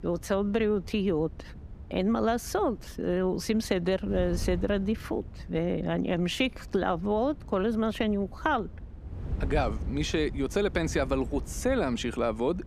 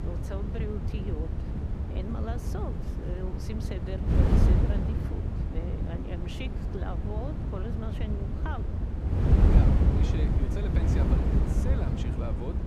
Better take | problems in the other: first | wind noise on the microphone; heavy; 3 dB above the speech; occasional gusts in the first

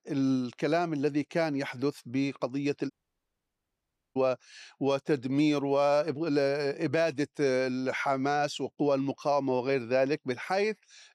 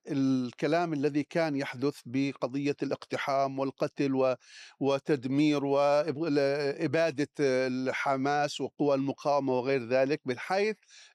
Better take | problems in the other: second | audio cutting out; at 3 s for 1.5 s

